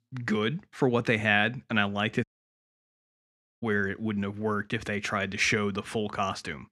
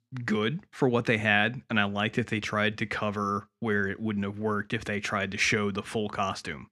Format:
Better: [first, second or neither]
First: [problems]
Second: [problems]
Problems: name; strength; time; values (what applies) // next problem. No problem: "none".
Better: second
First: audio cutting out; at 2 s for 1.5 s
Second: none